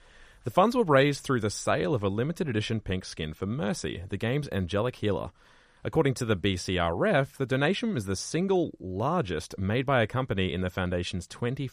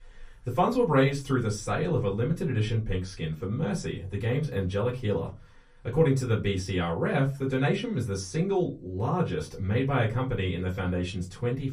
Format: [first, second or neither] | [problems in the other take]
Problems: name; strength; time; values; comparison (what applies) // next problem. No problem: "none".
first | off-mic speech; far // room echo; very slight; dies away in 0.2 s